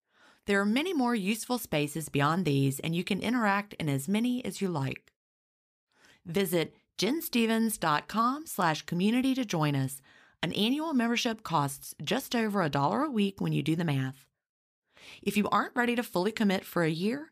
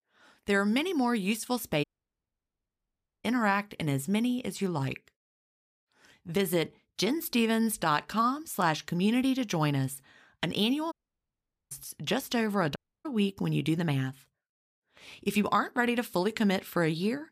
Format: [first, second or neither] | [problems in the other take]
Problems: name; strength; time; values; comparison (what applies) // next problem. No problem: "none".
first | audio cutting out; at 2 s for 1.5 s, at 11 s for 1 s and at 13 s